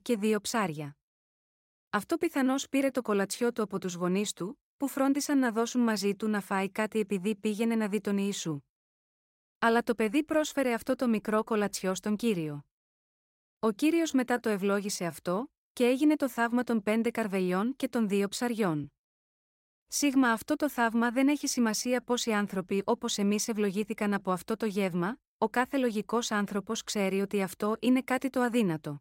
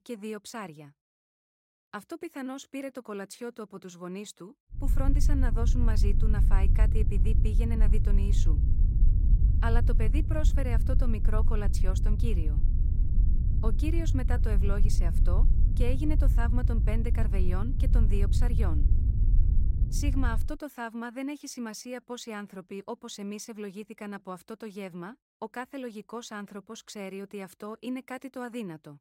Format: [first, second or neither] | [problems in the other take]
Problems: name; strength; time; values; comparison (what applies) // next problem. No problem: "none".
first | low rumble; loud; from 5 to 20 s; 7 dB below the speech